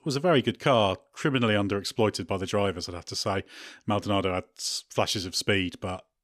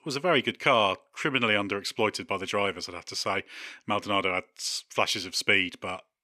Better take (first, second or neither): first